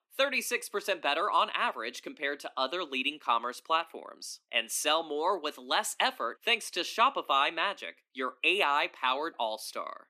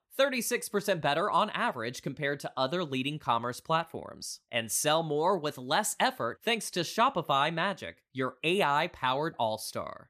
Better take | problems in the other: second | thin; somewhat; fading below 250 Hz

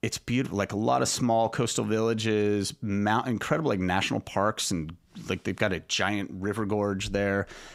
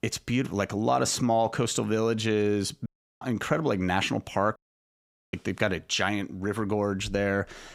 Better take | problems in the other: first | audio cutting out; at 3 s and at 4.5 s for 1 s

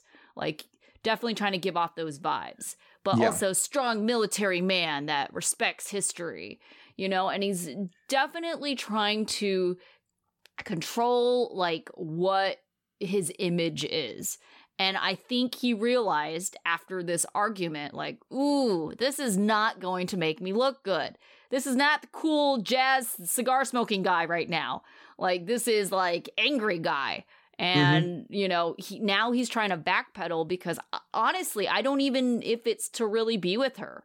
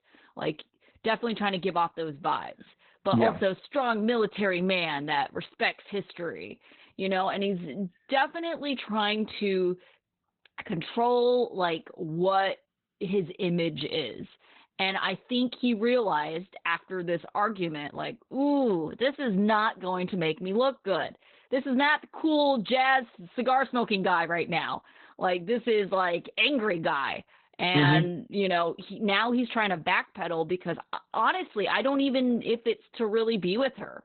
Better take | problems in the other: first | garbled, watery; badly; nothing above 4 kHz

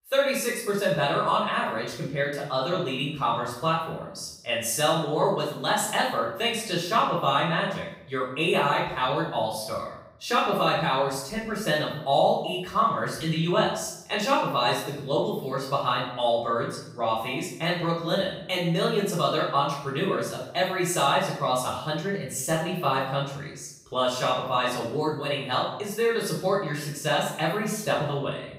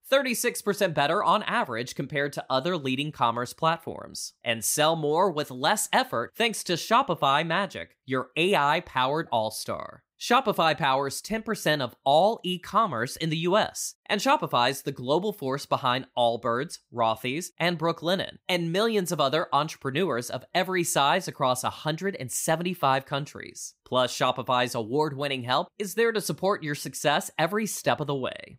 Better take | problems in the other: second | off-mic speech; far // room echo; noticeable; dies away in 0.7 s

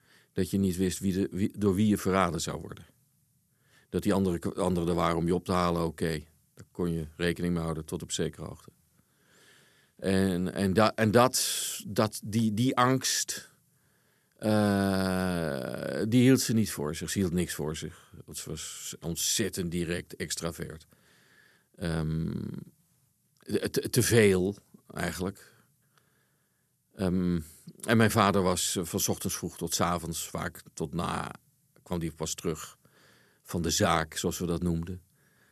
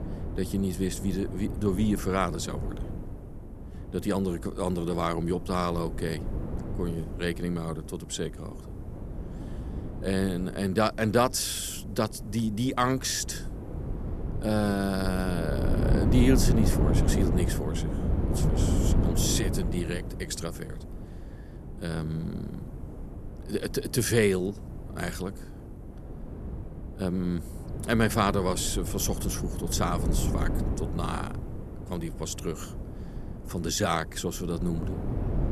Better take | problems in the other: first | wind noise on the microphone; heavy; 10 dB below the speech

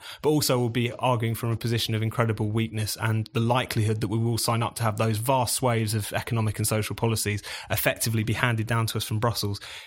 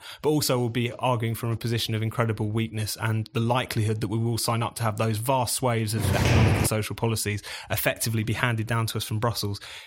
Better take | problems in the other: first | footsteps; loud; at 6 s; peak 5 dB above the speech

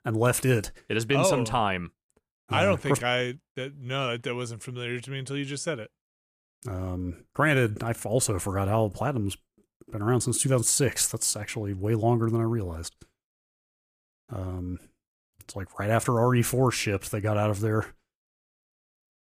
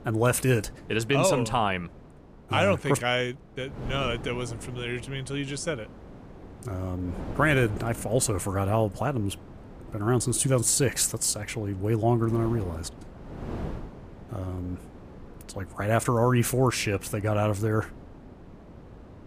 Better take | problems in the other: first | wind noise on the microphone; occasional gusts; 20 dB below the speech

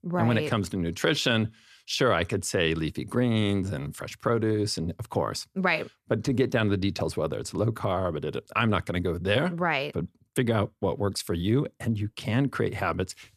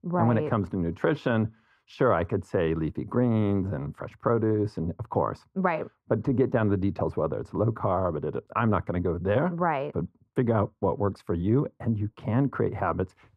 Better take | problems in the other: first | muffled; very; fading above 2.5 kHz

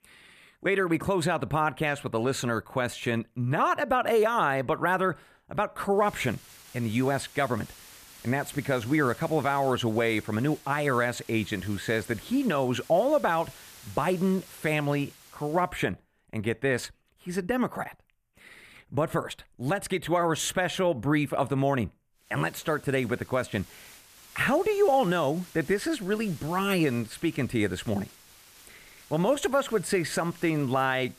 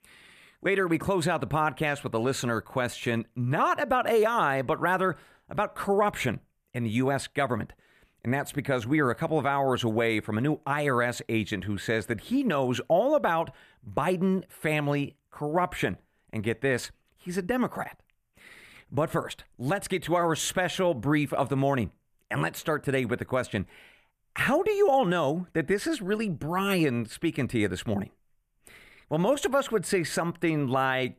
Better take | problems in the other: second | hiss; faint; from 6 to 16 s and from 22 s on; 20 dB below the speech

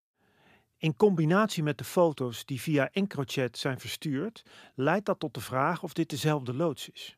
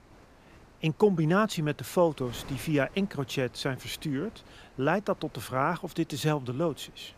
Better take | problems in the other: first | wind noise on the microphone; occasional gusts; 25 dB below the speech

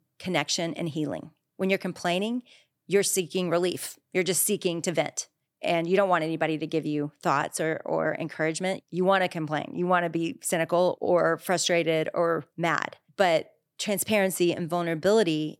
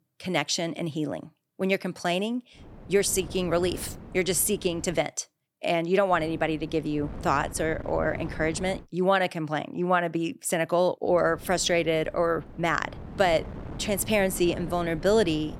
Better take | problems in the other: first | wind noise on the microphone; occasional gusts; from 2.5 to 5 s, from 6 to 9 s and from 11 s on; 20 dB below the speech

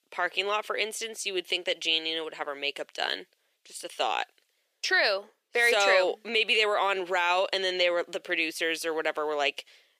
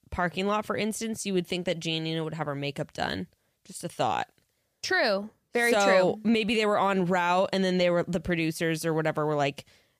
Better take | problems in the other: second | thin; very; fading below 400 Hz

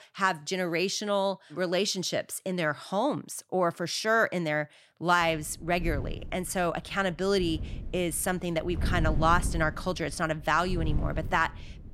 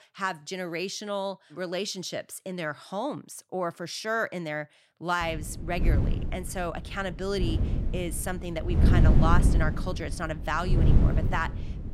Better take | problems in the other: first | wind noise on the microphone; heavy; from 5 s on; 6 dB below the speech; occasional gusts in the first

